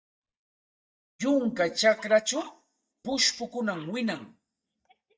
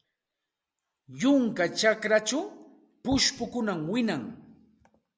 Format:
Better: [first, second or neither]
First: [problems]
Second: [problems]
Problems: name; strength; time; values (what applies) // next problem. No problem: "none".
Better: second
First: noise reduction (neural mask model DeepFilterNet 3)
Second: none